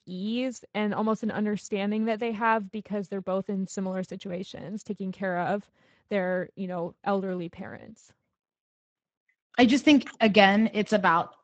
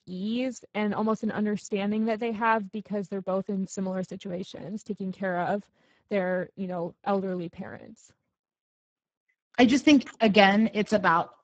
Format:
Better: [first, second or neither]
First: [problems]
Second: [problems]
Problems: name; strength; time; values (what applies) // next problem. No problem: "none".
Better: first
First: garbled, watery; slightly; nothing above 7.5 kHz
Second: garbled, watery; badly; nothing above 7.5 kHz